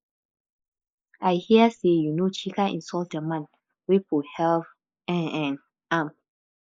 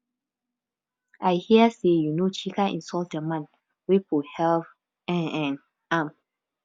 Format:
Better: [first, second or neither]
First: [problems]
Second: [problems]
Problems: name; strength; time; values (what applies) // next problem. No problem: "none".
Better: second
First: noise reduction (neural mask model Resemble Enhance denoiser)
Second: none